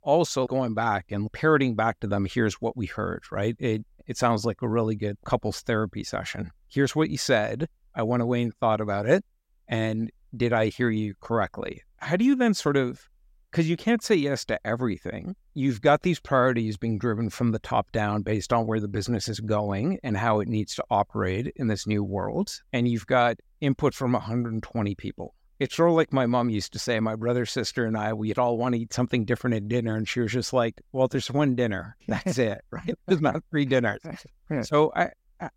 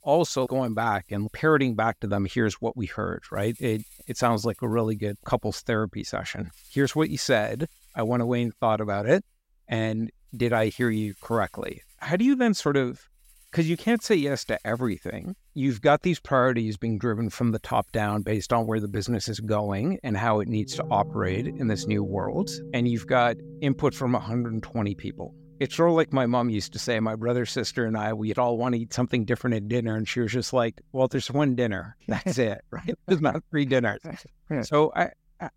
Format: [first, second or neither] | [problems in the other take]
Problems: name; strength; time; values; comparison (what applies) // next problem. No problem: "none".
first | background music; noticeable; throughout; 20 dB below the speech